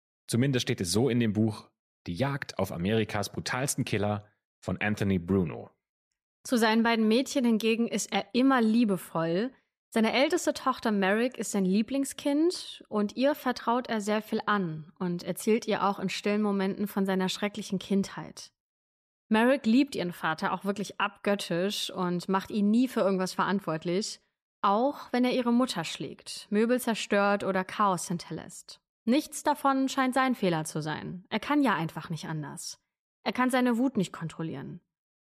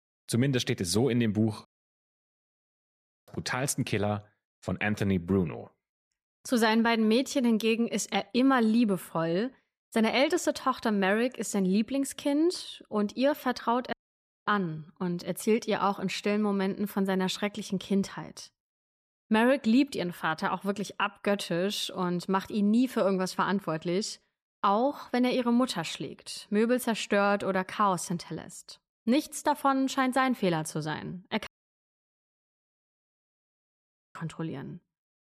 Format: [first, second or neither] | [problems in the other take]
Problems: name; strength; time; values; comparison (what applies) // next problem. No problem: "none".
first | audio cutting out; at 1.5 s for 1.5 s, at 14 s for 0.5 s and at 31 s for 2.5 s